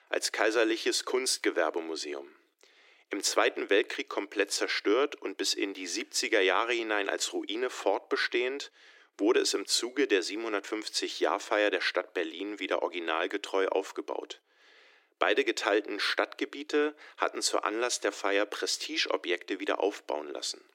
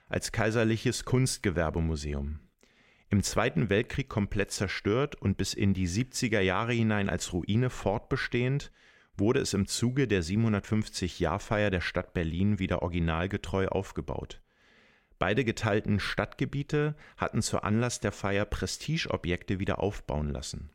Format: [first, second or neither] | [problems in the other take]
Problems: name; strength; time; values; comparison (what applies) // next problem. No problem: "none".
second | thin; very; fading below 300 Hz